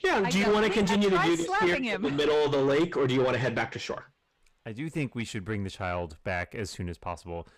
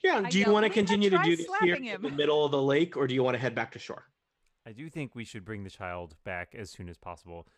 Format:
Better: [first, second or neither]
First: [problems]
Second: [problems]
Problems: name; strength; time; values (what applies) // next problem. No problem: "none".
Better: second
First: distortion; heavy; 7 dB below the speech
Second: none